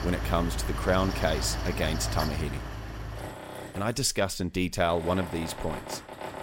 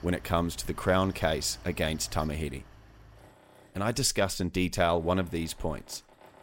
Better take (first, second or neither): second